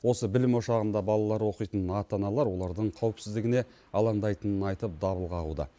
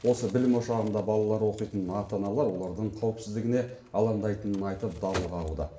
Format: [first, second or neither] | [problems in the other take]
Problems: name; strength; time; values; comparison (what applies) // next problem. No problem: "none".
first | background sound (Crumpling, crinkling); 18 dB below the speech // room echo; dies away in 0.7 s